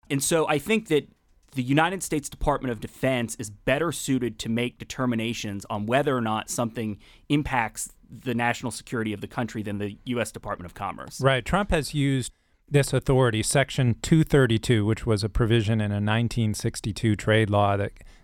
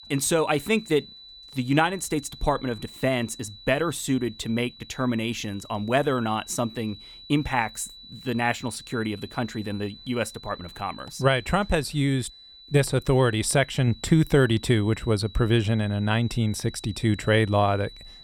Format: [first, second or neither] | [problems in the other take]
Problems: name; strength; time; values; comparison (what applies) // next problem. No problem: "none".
first | high-pitched whine; noticeable; throughout; 4 kHz, 20 dB below the speech